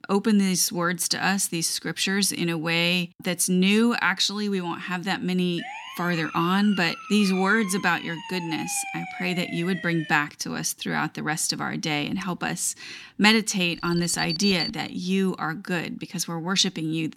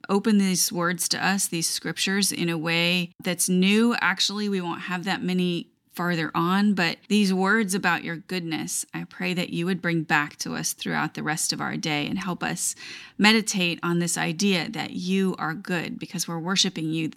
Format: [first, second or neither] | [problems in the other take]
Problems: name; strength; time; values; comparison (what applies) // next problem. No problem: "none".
second | siren; noticeable; from 5.5 to 10 s; peak 9 dB below the speech // alarm; noticeable; from 14 to 15 s; peak 3 dB below the speech